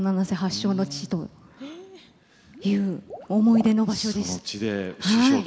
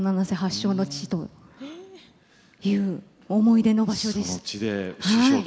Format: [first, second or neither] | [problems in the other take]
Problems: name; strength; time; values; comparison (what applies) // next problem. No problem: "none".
second | background sound (Water / Liquid); 20 dB below the speech